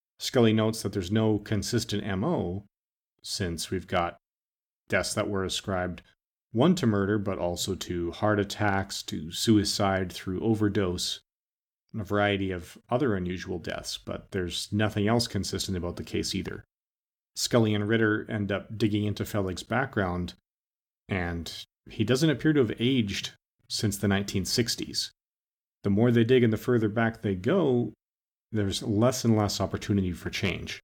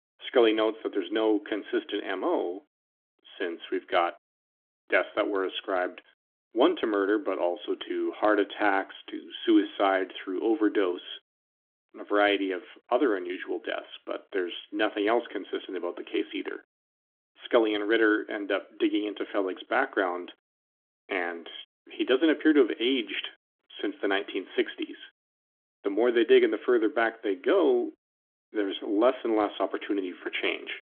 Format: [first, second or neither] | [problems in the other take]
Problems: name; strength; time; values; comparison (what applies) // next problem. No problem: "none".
first | phone-call audio; nothing above 3.5 kHz